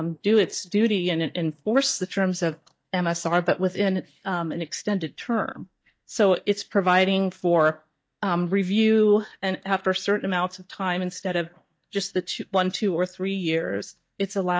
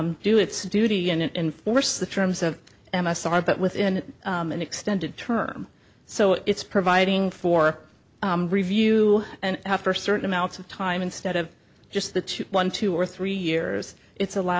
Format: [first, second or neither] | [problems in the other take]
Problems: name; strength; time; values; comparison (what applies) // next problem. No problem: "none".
second | noise reduction (neural mask model DeepFilterNet 3)